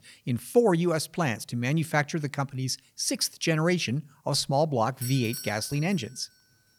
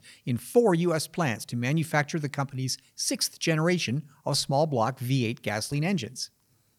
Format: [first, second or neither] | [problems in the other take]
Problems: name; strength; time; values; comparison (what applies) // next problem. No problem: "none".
second | doorbell; noticeable; at 5 s; peak 8 dB below the speech